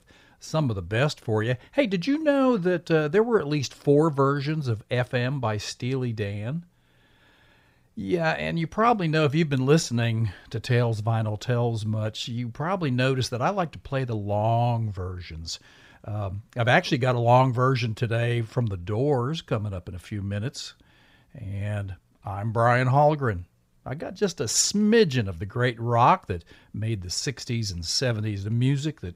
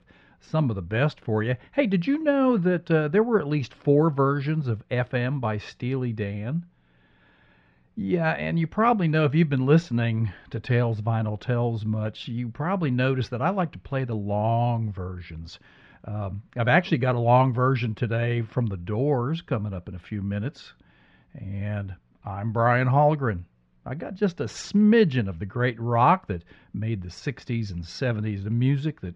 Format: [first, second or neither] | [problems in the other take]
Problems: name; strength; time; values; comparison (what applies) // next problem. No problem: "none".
first | muffled; slightly; fading above 2.5 kHz